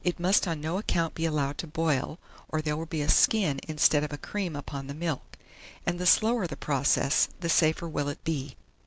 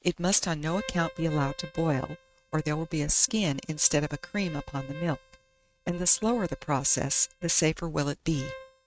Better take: first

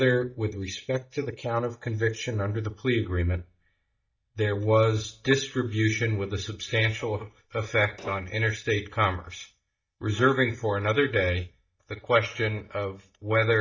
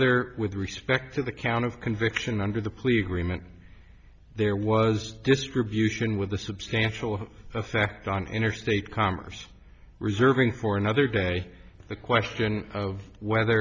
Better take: second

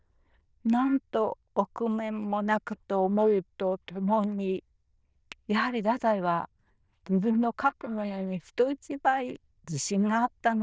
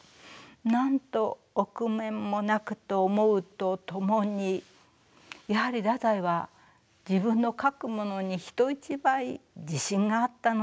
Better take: second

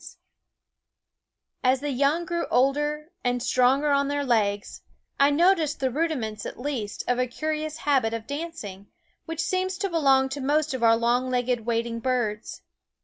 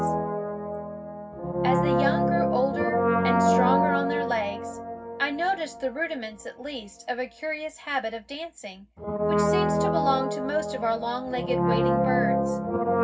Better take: first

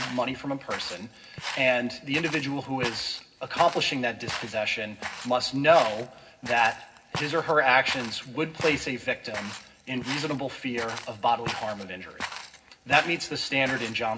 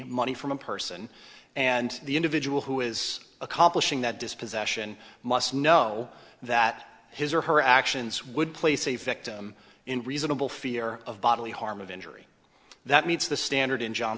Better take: second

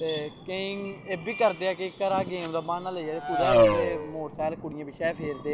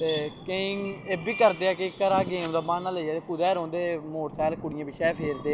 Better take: second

